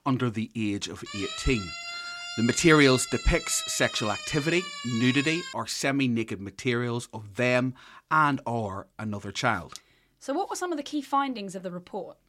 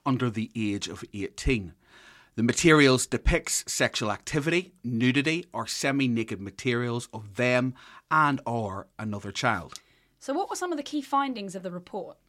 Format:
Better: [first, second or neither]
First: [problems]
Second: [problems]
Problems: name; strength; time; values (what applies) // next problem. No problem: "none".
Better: second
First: siren; noticeable; from 1 to 5.5 s; peak 7 dB below the speech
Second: none